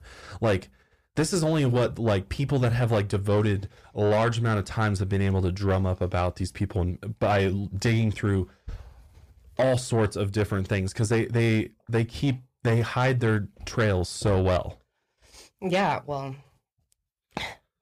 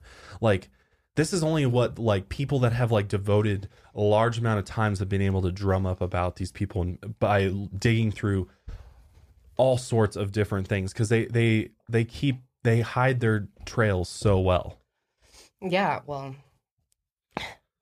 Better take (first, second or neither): second